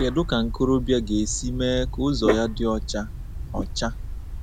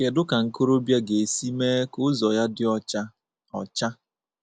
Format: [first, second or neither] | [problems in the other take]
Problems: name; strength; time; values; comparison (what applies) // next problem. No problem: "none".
second | background sound (Dog); 4 dB below the speech